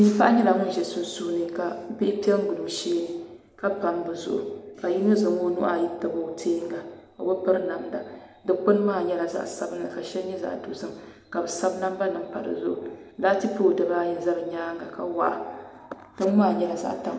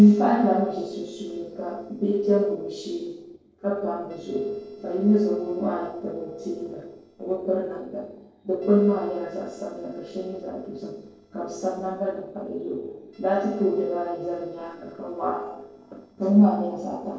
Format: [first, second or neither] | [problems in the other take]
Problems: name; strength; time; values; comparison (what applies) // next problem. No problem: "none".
first | noise reduction (neural separator model SepFormer DNS4)